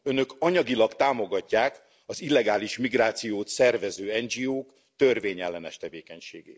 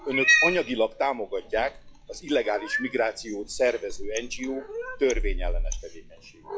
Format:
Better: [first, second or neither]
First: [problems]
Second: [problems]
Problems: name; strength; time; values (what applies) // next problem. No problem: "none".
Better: first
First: none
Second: noise reduction (classical method log-MMSE)